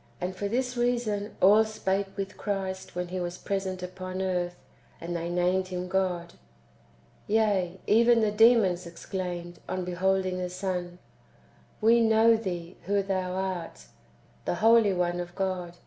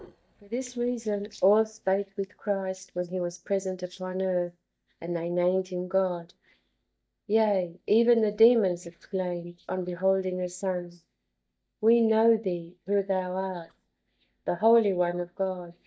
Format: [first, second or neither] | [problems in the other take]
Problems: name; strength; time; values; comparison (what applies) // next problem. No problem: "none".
first | noise reduction (neural mask model DeepFilterNet 3)